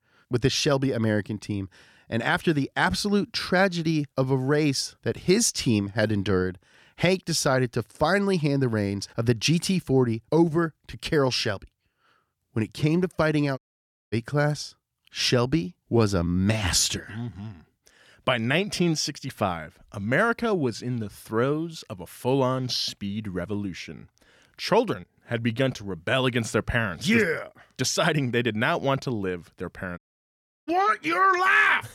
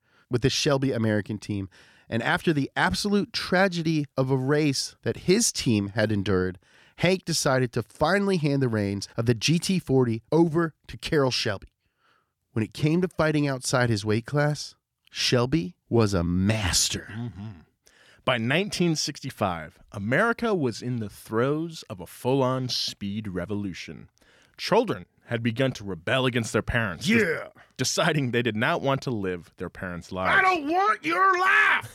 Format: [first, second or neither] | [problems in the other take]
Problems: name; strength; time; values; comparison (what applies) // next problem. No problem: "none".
second | audio cutting out; at 14 s for 0.5 s and at 30 s for 0.5 s